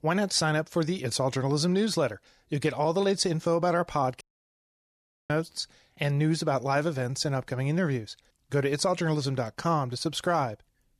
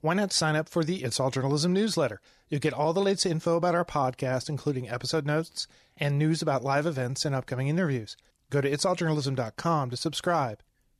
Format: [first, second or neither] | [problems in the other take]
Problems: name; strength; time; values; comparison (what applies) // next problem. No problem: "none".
second | audio cutting out; at 4 s for 1 s